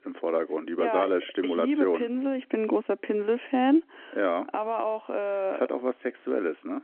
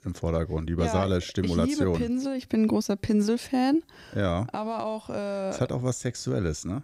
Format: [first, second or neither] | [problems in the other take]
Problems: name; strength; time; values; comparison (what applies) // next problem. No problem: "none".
second | phone-call audio